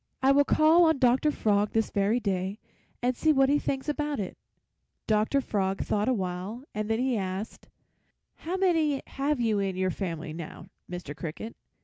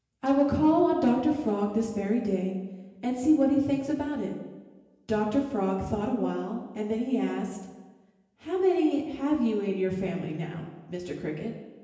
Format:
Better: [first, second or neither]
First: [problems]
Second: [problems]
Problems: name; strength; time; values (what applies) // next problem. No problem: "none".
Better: first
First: none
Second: room echo; dies away in 1 s